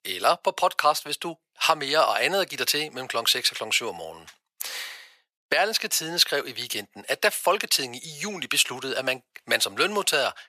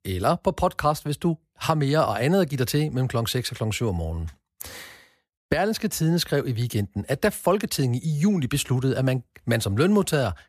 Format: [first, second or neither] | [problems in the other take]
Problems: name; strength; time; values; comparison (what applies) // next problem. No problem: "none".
second | thin; very; fading below 650 Hz